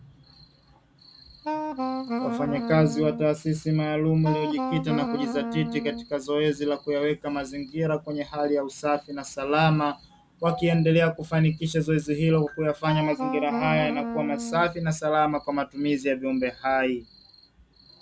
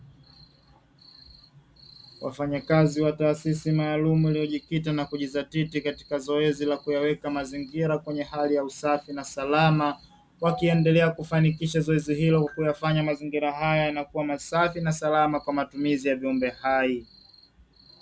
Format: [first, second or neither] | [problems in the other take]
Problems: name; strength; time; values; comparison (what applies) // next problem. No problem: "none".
second | background sound (Wind instrument, woodwind instrument); 4 dB below the speech